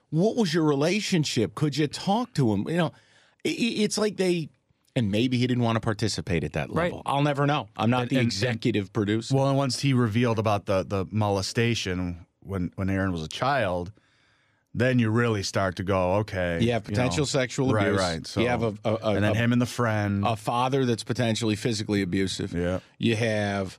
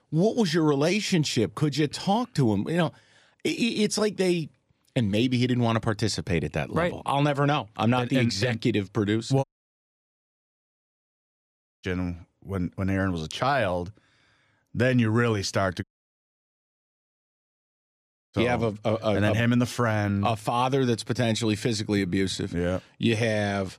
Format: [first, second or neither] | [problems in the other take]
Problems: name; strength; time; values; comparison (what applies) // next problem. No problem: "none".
first | audio cutting out; at 9.5 s for 2.5 s and at 16 s for 2.5 s